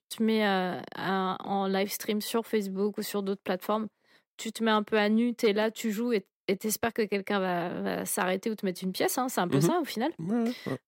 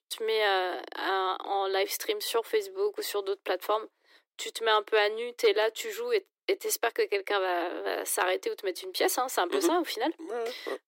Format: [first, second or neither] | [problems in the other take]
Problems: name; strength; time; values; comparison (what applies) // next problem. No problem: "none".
first | thin; very; fading below 300 Hz